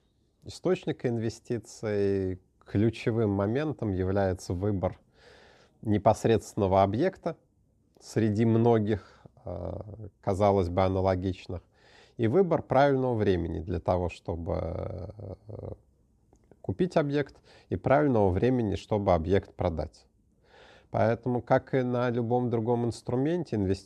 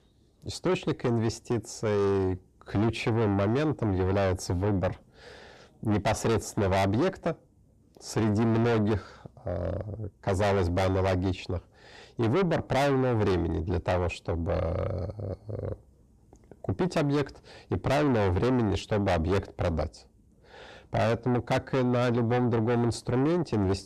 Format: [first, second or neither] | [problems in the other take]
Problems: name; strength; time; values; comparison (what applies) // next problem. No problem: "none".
first | distortion; heavy; 5 dB below the speech